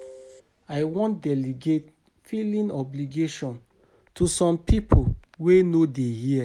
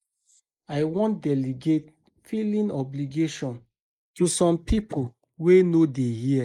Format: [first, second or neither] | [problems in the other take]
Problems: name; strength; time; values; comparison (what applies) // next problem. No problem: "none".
first | noise reduction (neural mask model Resemble Enhance denoiser)